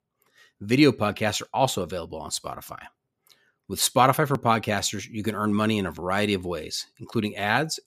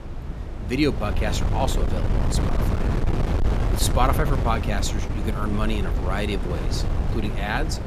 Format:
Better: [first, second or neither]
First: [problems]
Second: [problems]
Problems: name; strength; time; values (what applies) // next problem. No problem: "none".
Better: first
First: none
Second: wind noise on the microphone; heavy; 6 dB below the speech